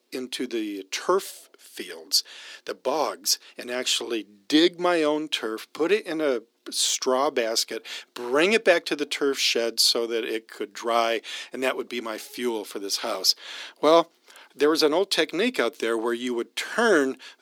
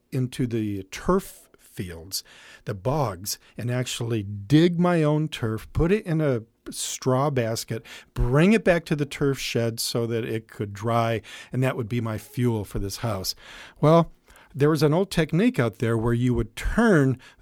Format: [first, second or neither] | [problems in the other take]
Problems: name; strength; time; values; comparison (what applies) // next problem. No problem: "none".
second | thin; somewhat; fading below 300 Hz